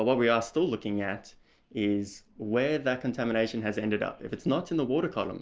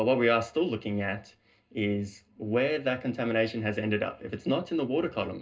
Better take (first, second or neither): first